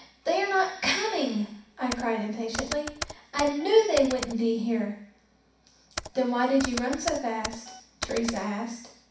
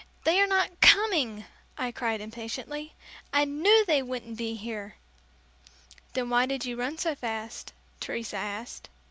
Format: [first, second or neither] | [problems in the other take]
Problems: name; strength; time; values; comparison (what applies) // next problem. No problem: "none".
second | background sound (Computer keyboard); 11 dB below the speech // room echo; dies away in 0.6 s